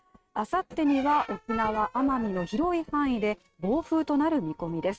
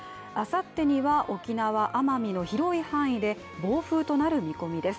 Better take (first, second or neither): second